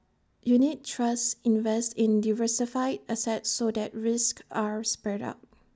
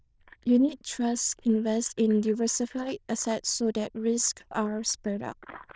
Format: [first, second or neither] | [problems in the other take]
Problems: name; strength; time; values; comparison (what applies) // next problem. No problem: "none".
first | noise reduction (neural diffusion model UNIVERSE++)